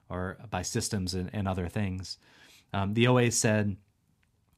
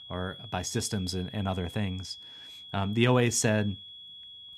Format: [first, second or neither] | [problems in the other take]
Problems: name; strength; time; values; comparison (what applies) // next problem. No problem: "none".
first | high-pitched whine; noticeable; throughout; 3.5 kHz, 15 dB below the speech